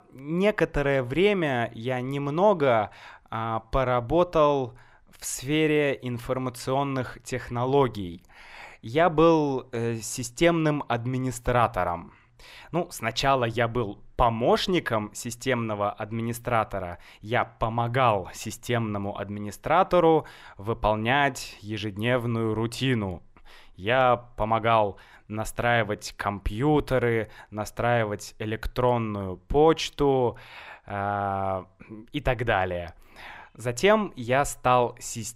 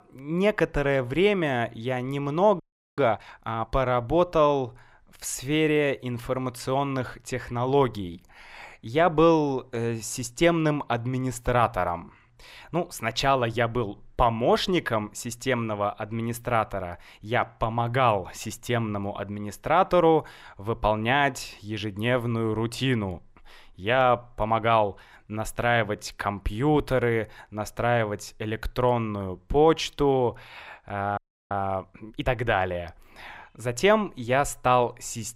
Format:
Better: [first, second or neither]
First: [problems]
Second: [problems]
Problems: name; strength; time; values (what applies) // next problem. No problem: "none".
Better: first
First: none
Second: audio freezing; at 2.5 s and at 31 s